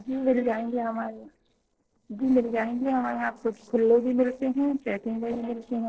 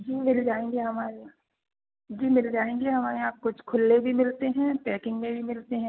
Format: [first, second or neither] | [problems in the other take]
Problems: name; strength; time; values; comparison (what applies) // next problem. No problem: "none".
second | noise reduction (neural separator model SepFormer DNS4)